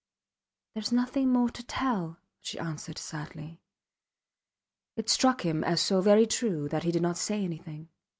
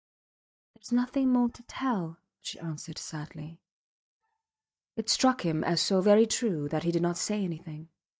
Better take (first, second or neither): first